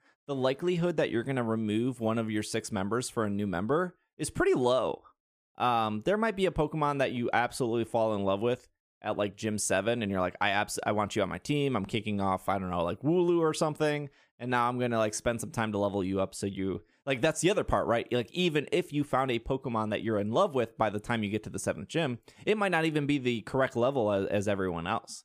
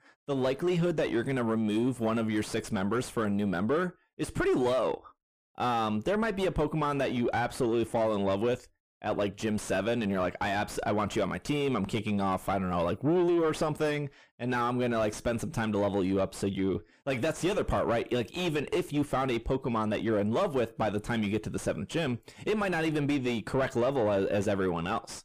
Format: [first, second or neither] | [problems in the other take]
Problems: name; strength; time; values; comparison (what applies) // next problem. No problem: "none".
first | distortion; heavy; 6 dB below the speech